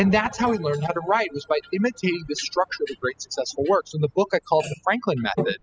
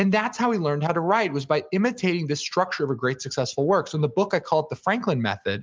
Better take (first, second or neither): second